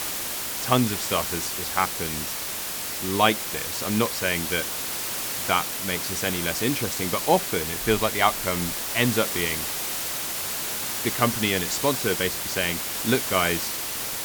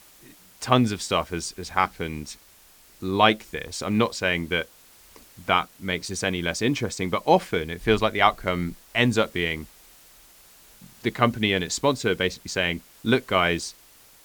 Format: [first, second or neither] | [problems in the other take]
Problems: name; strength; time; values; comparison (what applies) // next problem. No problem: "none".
second | hiss; loud; throughout; 1 dB below the speech; faint in the second